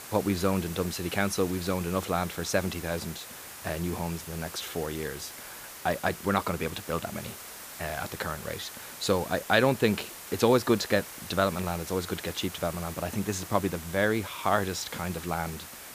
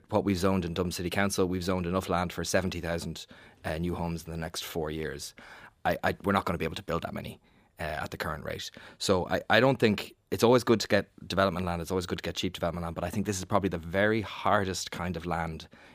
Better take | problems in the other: second | hiss; noticeable; throughout; 10 dB below the speech

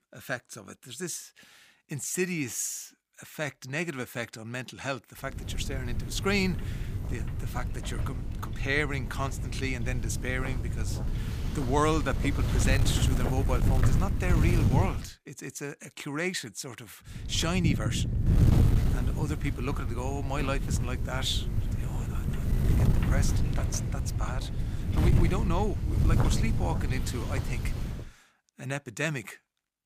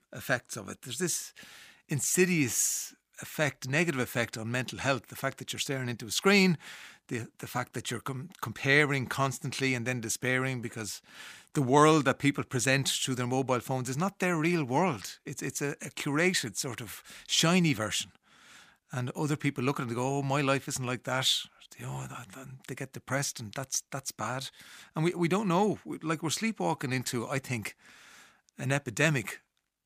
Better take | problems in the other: second | wind noise on the microphone; heavy; from 5.5 to 15 s and from 17 to 28 s; 6 dB below the speech

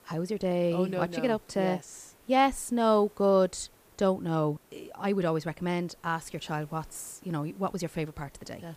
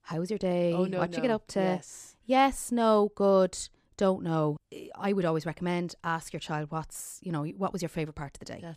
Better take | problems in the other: second | hiss; faint; throughout; 30 dB below the speech

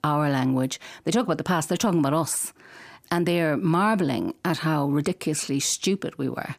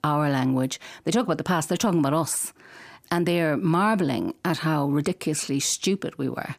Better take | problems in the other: neither | none

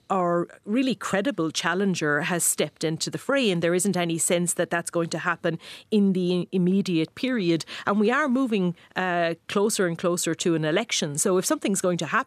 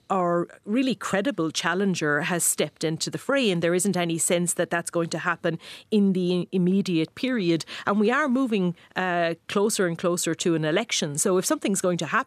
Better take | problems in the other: neither | none

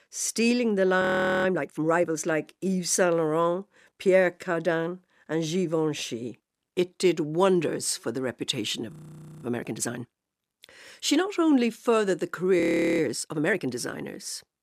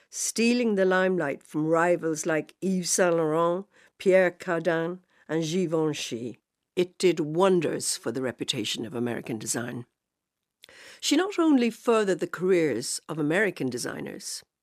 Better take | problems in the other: second | audio freezing; at 1 s, at 9 s for 0.5 s and at 13 s

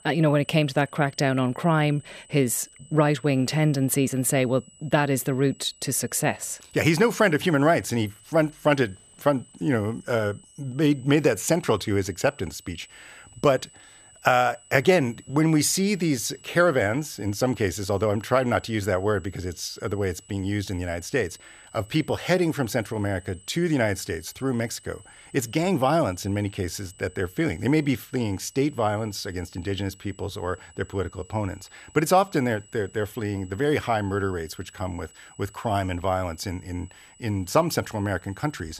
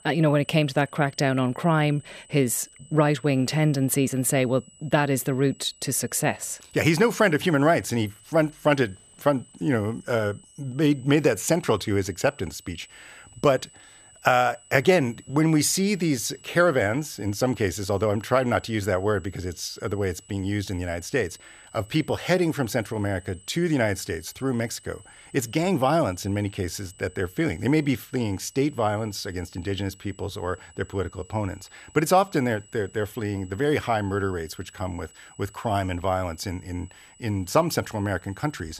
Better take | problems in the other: neither | high-pitched whine; faint; throughout; 8 kHz, 25 dB below the speech; the same in both

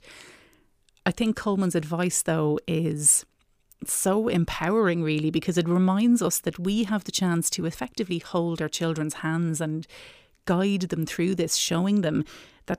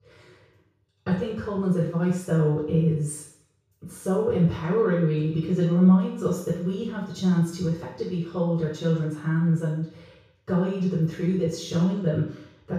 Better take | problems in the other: first | room echo; noticeable; dies away in 0.6 s // off-mic speech; far

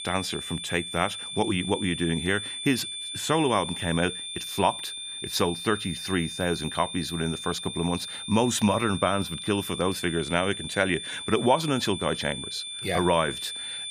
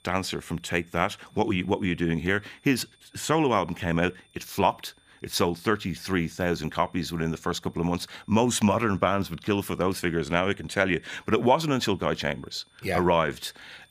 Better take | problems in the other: second | high-pitched whine; loud; throughout; 3.5 kHz, 6 dB below the speech; faint in the second

